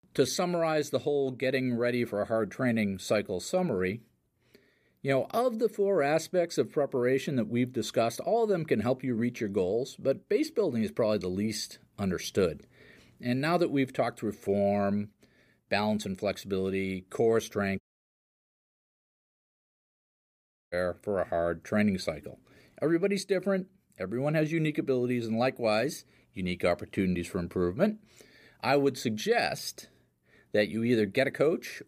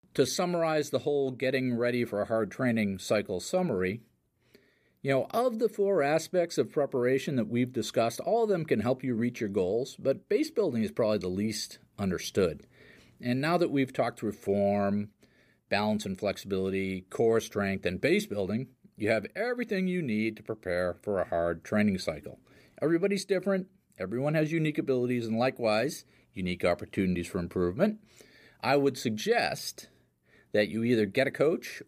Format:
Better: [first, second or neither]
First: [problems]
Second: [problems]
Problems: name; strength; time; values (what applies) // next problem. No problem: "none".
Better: second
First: audio cutting out; at 18 s for 3 s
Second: none